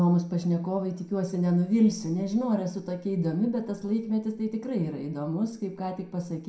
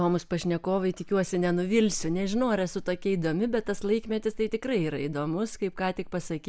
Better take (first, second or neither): second